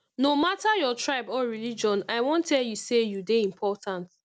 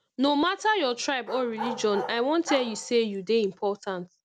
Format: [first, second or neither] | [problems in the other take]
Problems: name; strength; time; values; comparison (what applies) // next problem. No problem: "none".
first | background sound (Bark); 12 dB below the speech